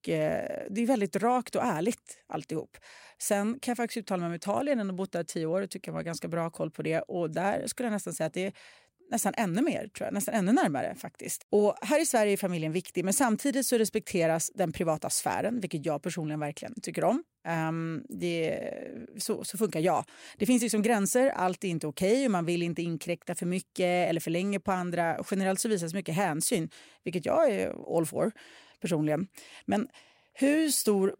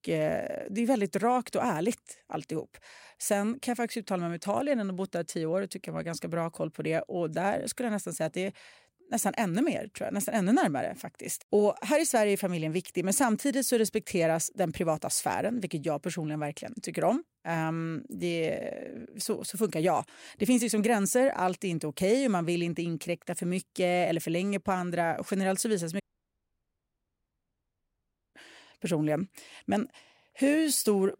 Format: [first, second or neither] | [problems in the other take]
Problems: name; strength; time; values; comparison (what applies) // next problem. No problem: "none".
first | audio cutting out; at 26 s for 2.5 s